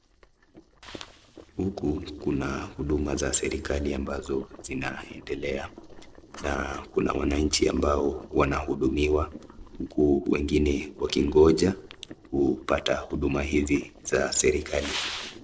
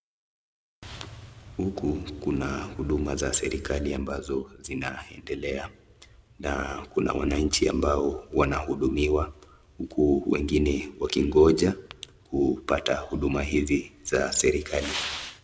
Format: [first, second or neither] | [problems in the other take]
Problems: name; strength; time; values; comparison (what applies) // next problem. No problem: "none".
second | noise reduction (neural separator model SepFormer DNS4)